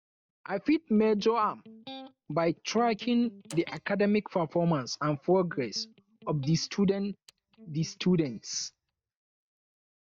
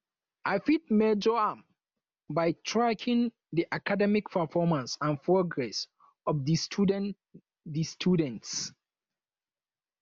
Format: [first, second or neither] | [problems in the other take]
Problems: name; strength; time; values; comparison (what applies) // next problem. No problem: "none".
second | noise reduction (neural mask model DeepFilterNet 3)